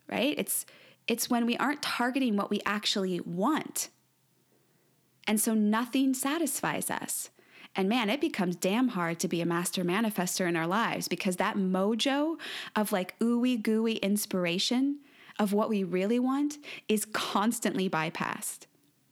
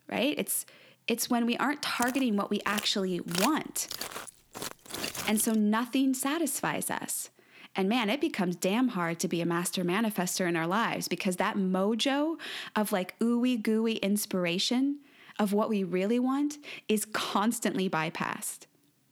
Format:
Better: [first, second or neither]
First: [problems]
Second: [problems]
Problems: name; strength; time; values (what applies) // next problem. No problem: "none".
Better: first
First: none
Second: footsteps; noticeable; from 2 to 5.5 s; peak 3 dB below the speech